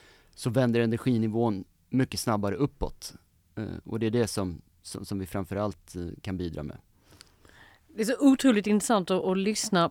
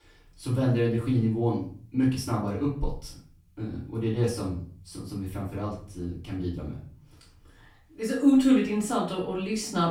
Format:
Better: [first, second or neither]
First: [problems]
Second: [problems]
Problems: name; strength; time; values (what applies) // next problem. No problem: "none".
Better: first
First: none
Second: off-mic speech; far // room echo; noticeable; dies away in 0.4 s